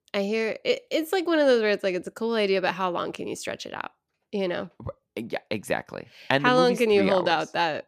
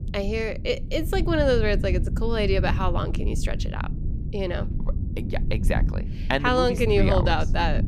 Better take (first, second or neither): first